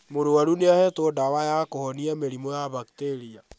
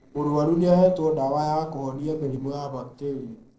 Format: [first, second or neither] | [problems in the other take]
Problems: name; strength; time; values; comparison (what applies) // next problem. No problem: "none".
first | noise reduction (neural separator model SepFormer DNS4)